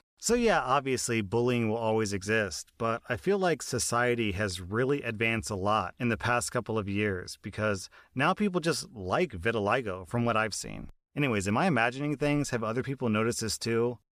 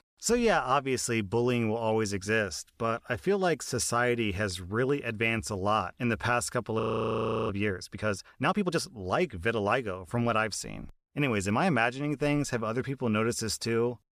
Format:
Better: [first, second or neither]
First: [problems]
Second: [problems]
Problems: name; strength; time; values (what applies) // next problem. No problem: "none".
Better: first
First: none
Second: audio freezing; at 7 s for 0.5 s